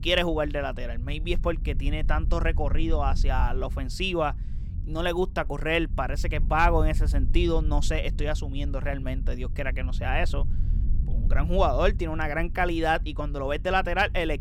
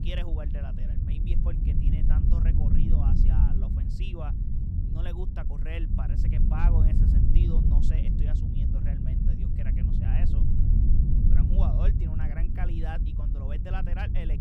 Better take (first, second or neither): first